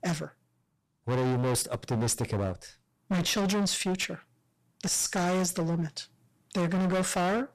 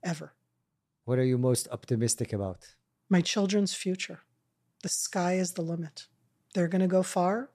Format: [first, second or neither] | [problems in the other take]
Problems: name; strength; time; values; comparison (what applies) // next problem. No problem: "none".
second | distortion; heavy; 22% of the sound clipped